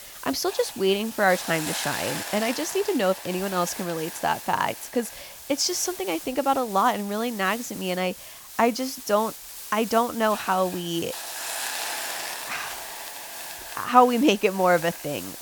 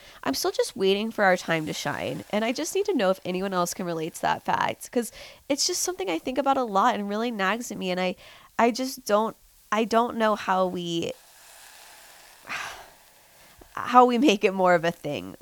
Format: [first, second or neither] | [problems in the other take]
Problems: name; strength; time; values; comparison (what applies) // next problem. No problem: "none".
second | hiss; loud; throughout; 9 dB below the speech; faint in the second